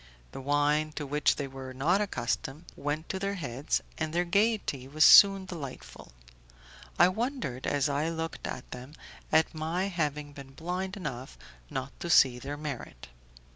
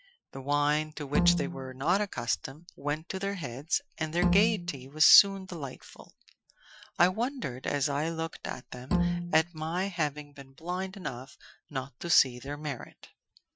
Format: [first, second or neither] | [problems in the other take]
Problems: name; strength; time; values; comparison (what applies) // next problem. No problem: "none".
first | noise reduction (classical method Wiener filter)